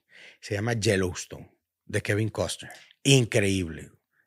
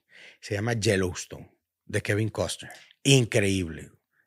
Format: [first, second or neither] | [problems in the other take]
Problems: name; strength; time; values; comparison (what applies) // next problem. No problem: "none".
neither | none